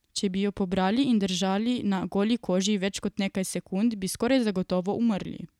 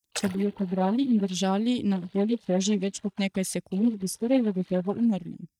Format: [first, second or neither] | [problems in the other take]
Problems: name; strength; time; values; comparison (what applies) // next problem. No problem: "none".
first | noise reduction (neural mask model DeepFilterNet 3)